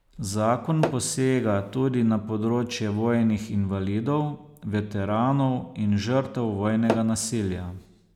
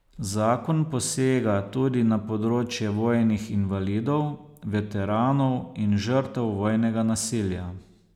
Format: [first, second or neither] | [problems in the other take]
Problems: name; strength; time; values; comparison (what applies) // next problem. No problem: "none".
second | background sound (Tap / Hammer); 8 dB below the speech